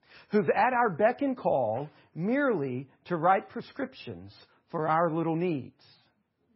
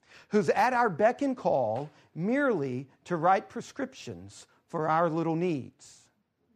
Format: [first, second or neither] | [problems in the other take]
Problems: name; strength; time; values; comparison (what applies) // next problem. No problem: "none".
second | garbled, watery; badly; nothing above 5.5 kHz